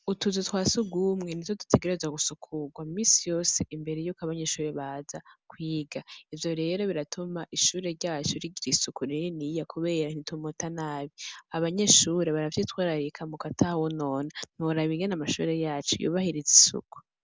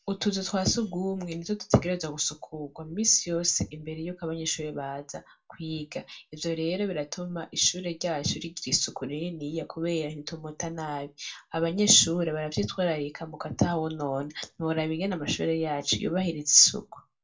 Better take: first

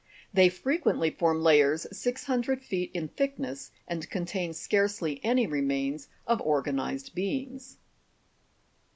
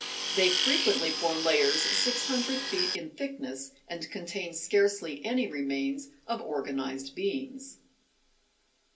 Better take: first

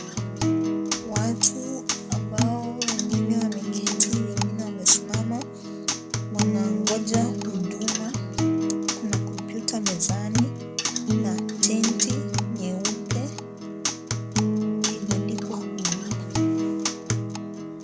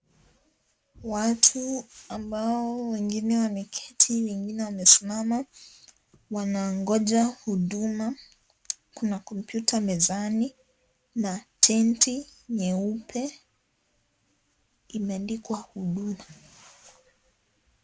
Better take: second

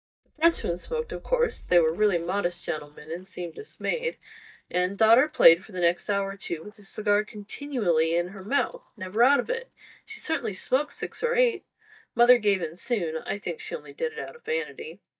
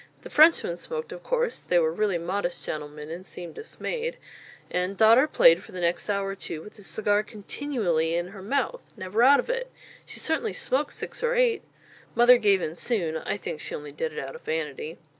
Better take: second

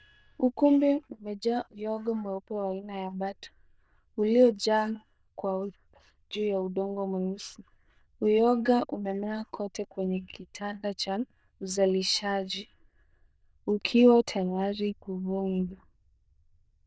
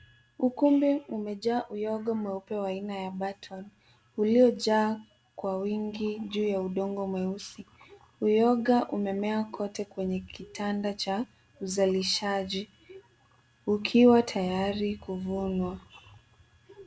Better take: second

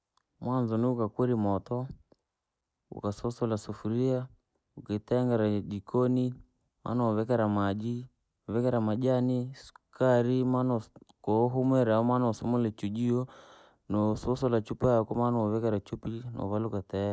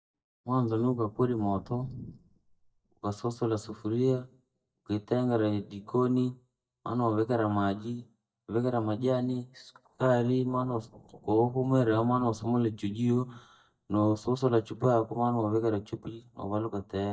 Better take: first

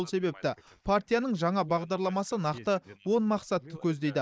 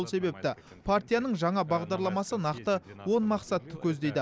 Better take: second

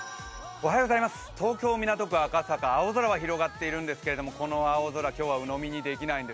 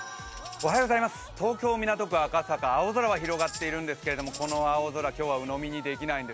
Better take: first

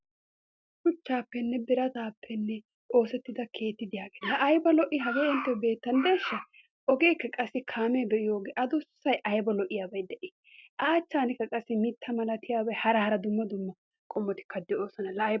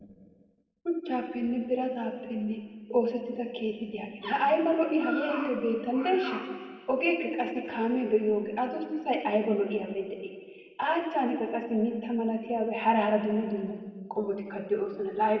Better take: first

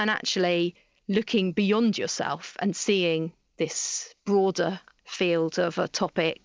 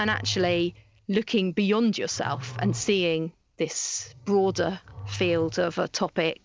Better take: first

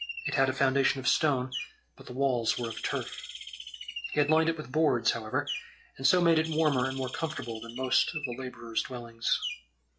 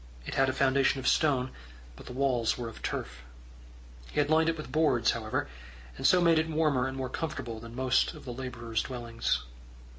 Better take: second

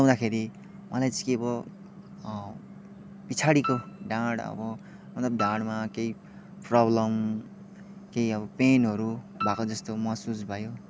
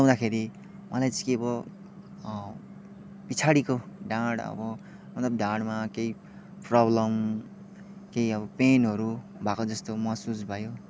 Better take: second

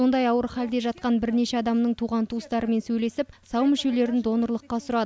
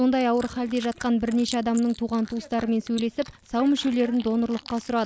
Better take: first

